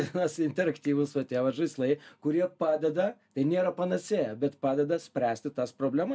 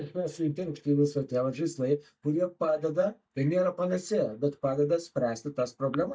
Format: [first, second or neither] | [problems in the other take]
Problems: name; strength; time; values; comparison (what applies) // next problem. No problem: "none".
first | noise reduction (neural mask model DeepFilterNet 3)